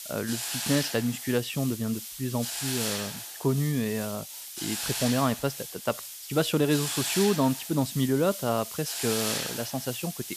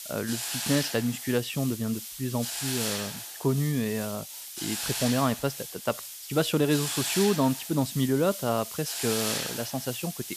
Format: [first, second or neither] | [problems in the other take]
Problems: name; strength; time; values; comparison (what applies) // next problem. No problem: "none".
neither | hiss; loud; throughout; 4 dB below the speech; the same in both